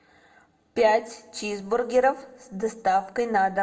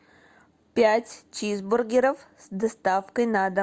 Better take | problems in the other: second | room echo; dies away in 0.5 s

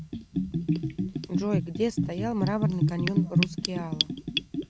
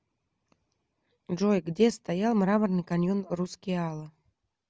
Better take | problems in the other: second | background sound (Bathtub (filling or washing) / Gurgling); 4 dB above the speech

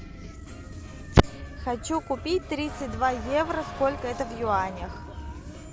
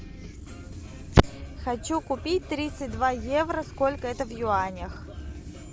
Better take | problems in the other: second | background sound (Motor vehicle (road) / Siren); 16 dB below the speech

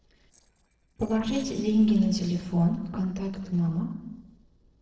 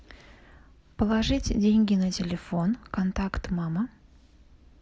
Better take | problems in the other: second | noise reduction (neural separator model SepFormer DNS4)

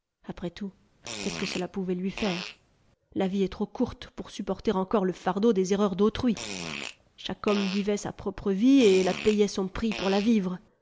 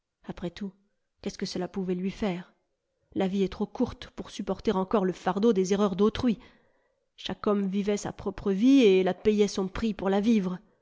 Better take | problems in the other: second | background sound (Fart); 12 dB below the speech

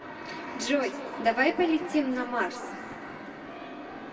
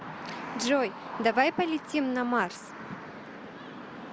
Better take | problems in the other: second | background sound (Keyboard (musical)); 17 dB below the speech // room echo; dies away in 1.8 s

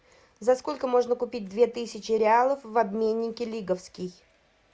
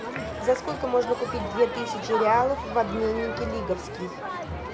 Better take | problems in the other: first | background sound (Crowd); 5 dB below the speech

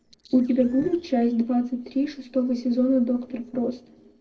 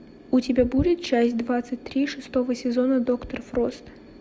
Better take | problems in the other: second | noise reduction (neural separator model SepFormer DNS4)

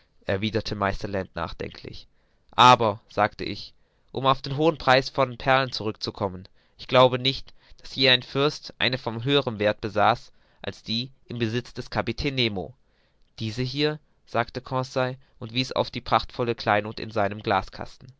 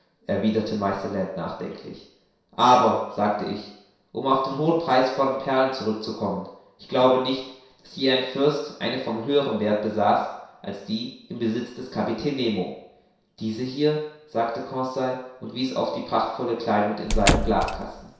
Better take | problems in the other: first | background sound (Squeak / Slam / Wood); 1 dB above the speech // room echo; dies away in 0.7 s

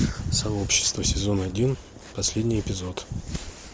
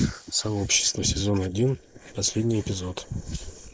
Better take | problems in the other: first | noise reduction (neural mask model Resemble Enhance denoiser)

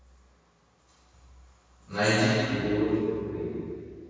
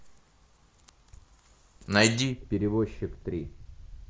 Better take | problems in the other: second | room echo; dies away in 2.2 s

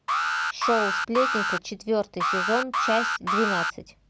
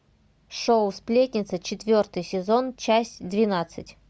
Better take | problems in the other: second | background sound (Alarm); 2 dB above the speech

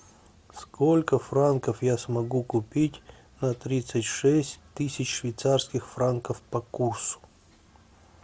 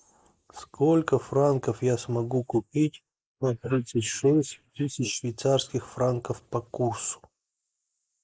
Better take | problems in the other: first | noise reduction (neural mask model Resemble Enhance denoiser)

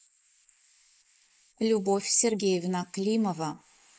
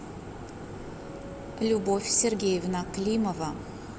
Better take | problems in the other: second | noise reduction (neural mask model Resemble Enhance denoiser)

